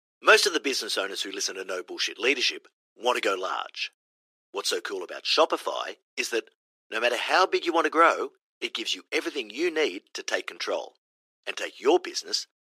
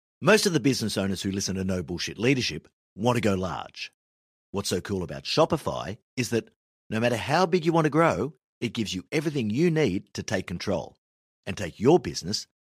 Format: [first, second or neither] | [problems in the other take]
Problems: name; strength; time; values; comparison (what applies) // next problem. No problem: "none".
second | thin; very; fading below 350 Hz